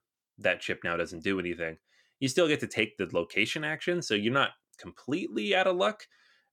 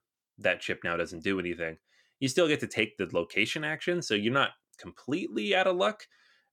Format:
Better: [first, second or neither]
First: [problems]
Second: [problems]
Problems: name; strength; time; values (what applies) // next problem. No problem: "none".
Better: neither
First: none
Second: none